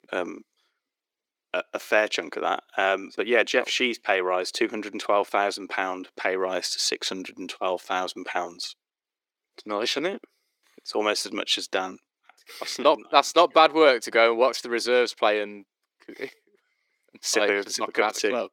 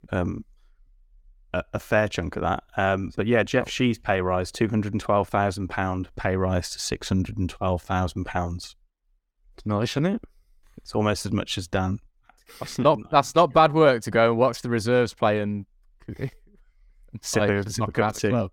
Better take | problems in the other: second | thin; somewhat; fading below 350 Hz

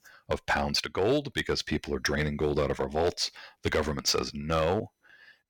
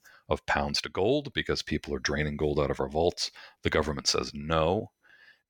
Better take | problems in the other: second | distortion; slight; 3% of the sound clipped

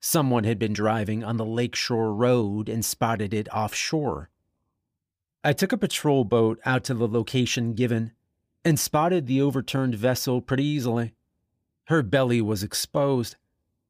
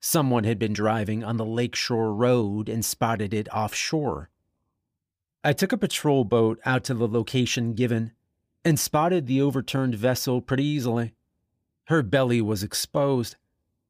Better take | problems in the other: neither | none

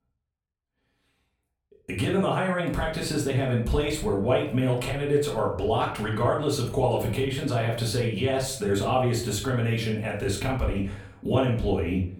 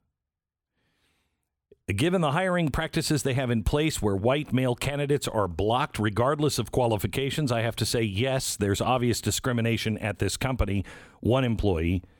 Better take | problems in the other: second | off-mic speech; far // room echo; slight; dies away in 0.4 s

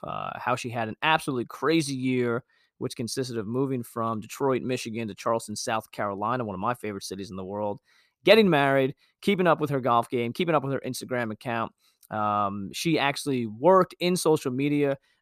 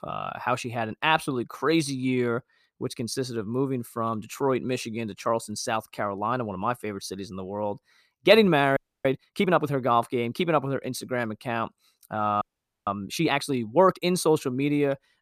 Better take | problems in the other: first | audio freezing; at 9 s and at 12 s

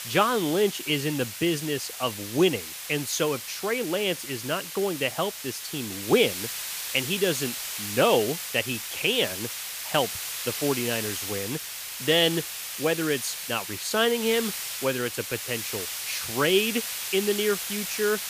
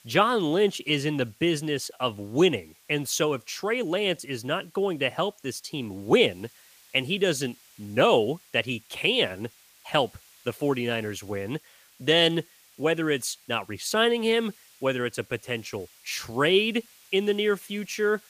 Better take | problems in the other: second | hiss; loud; throughout; 5 dB below the speech; faint in the second

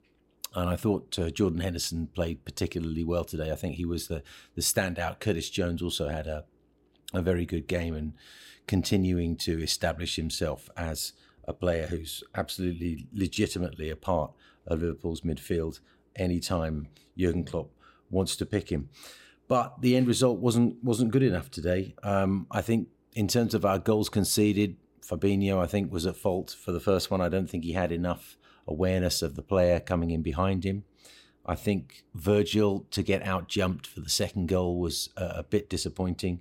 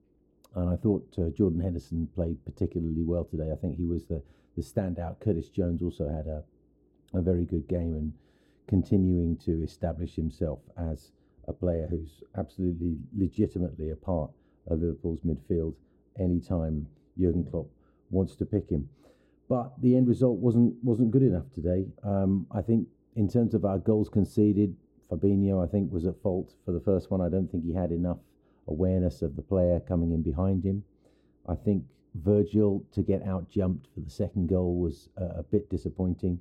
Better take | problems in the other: first | muffled; very; fading above 1 kHz

